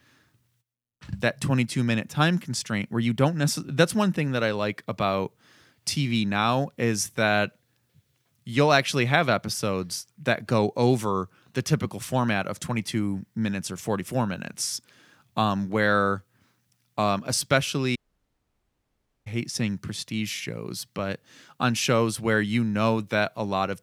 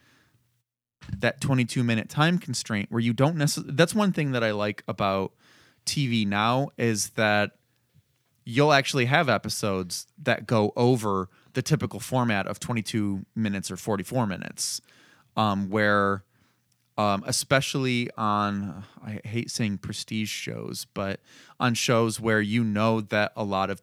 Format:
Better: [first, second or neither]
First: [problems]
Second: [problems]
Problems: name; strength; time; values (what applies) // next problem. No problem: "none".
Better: second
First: audio cutting out; at 18 s for 1.5 s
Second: none